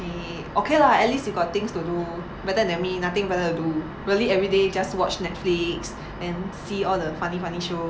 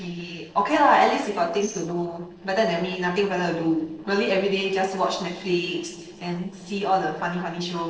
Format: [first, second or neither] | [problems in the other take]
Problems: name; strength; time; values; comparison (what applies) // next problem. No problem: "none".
first | noise reduction (neural separator model SepFormer DNS4)